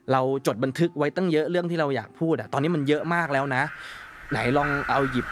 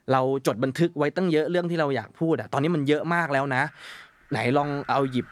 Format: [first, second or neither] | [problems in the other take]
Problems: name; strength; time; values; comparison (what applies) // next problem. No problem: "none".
second | animal sounds; loud; throughout; 8 dB below the speech; faint in the second